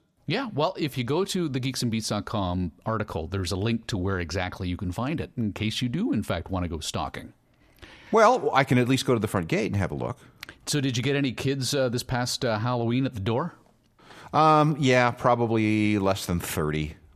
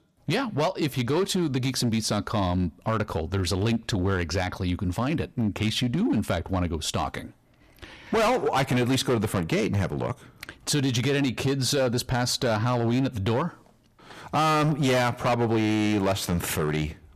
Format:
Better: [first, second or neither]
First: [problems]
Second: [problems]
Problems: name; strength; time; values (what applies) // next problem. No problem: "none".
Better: first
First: none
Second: distortion; heavy; 11% of the sound clipped